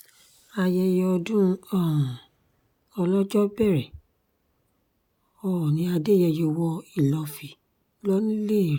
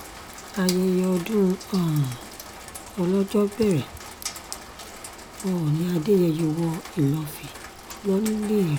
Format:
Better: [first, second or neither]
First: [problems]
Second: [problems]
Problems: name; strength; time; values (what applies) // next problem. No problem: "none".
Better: first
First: none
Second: background sound (Rain); 14 dB below the speech